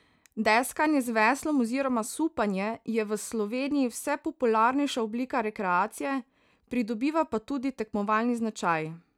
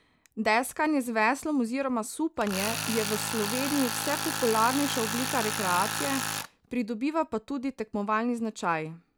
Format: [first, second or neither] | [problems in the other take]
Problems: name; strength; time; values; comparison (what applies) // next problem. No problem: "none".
first | background sound (Tools); 6 dB below the speech